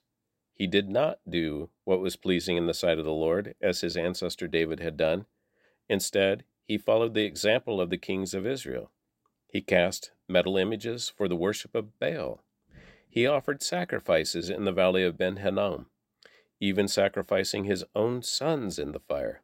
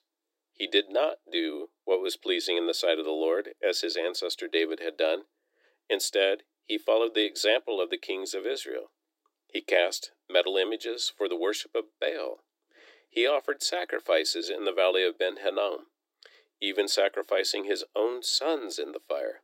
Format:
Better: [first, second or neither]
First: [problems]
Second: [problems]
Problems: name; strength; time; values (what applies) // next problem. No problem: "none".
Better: first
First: none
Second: thin; very; fading below 300 Hz